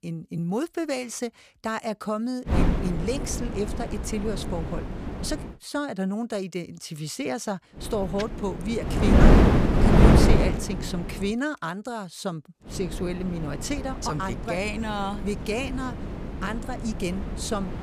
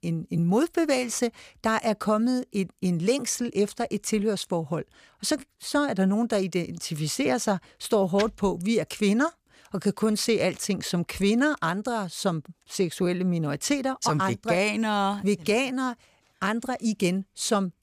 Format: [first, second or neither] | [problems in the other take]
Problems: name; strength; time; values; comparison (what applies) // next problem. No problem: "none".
second | wind noise on the microphone; heavy; from 2.5 to 5.5 s, from 8 to 11 s and from 13 s on; 2 dB above the speech